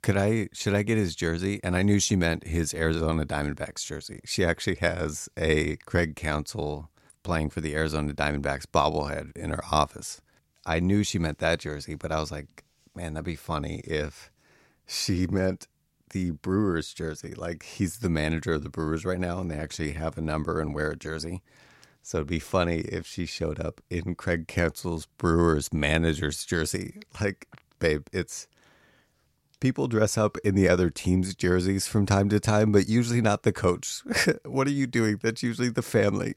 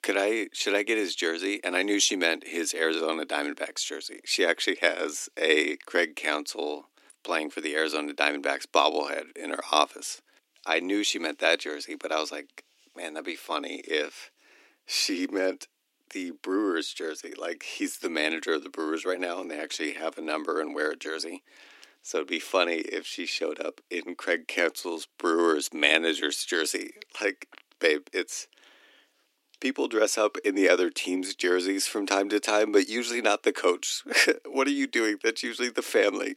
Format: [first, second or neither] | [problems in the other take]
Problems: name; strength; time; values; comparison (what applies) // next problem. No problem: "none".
first | thin; somewhat; fading below 300 Hz